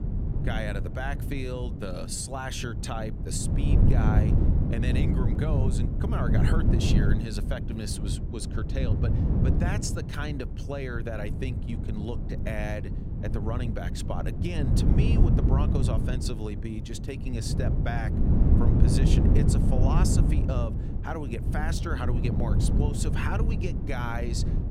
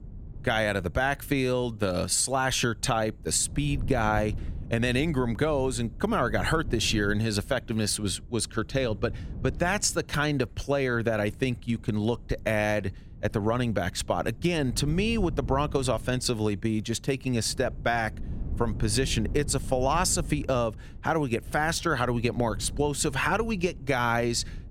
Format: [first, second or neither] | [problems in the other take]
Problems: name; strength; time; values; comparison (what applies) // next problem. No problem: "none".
second | wind noise on the microphone; heavy; 2 dB below the speech; occasional gusts in the second